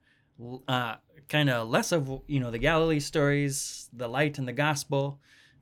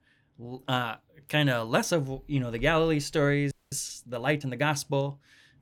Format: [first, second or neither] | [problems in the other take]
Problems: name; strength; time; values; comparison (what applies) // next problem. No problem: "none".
first | audio freezing; at 3.5 s